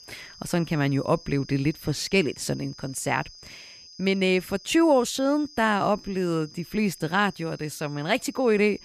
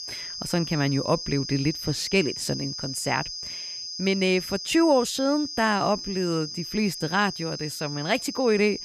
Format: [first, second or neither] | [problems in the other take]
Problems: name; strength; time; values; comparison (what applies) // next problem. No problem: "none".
first | high-pitched whine; loud; throughout; 5 kHz, 7 dB below the speech; faint in the first